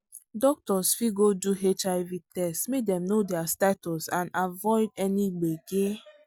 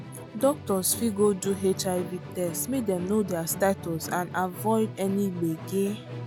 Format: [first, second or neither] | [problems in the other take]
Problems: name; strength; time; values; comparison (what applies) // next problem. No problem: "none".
first | background sound (Musical instrument); 12 dB below the speech